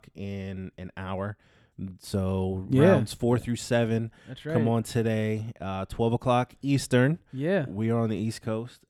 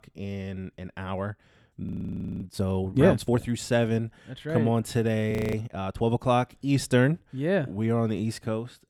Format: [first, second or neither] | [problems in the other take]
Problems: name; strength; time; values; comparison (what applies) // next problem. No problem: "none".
first | audio freezing; at 2 s for 0.5 s and at 5.5 s